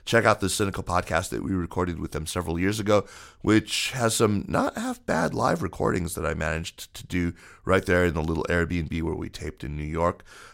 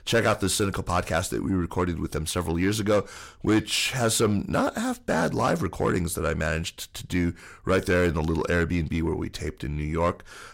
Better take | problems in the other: first | distortion; slight; 10 dB below the speech

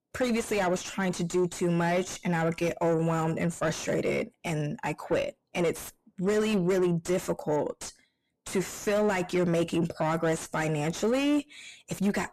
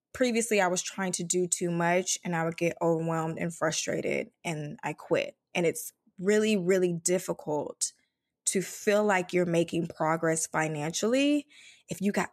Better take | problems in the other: second | distortion; heavy; 7 dB below the speech

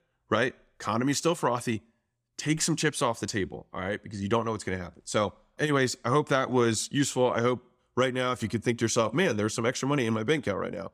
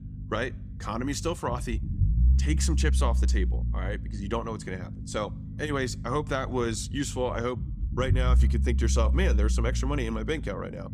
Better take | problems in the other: first | low rumble; noticeable; throughout; 15 dB below the speech

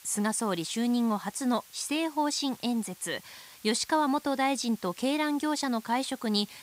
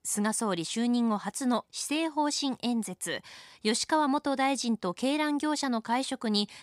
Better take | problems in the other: second | hiss; faint; throughout; 20 dB below the speech

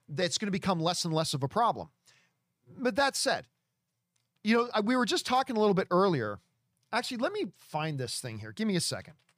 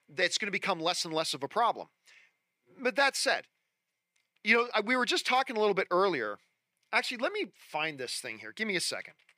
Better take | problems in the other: first | thin; somewhat; fading below 350 Hz

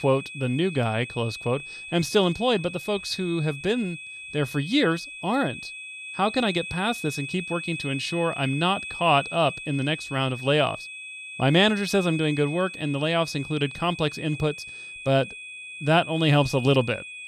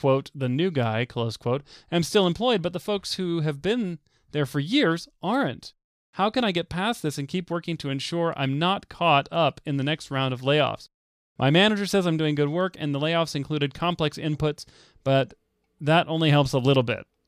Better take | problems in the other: second | high-pitched whine; noticeable; throughout; 2.5 kHz, 10 dB below the speech

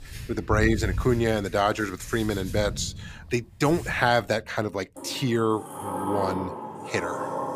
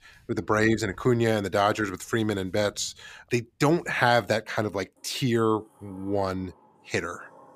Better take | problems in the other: second | household noises; loud; throughout; 8 dB below the speech; faint in the second

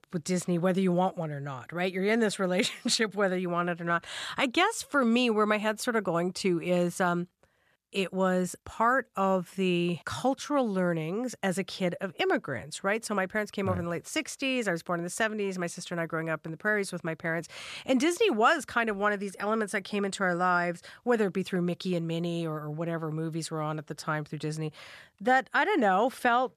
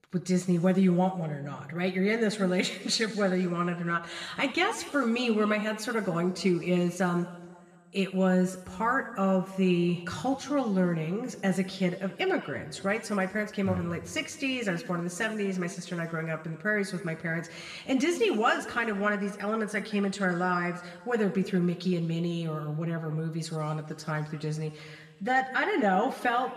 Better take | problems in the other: first | room echo; slight; dies away in 1.5 s

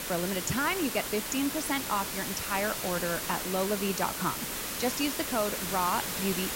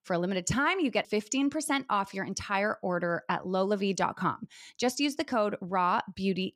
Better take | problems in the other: second | hiss; loud; throughout; 1 dB below the speech

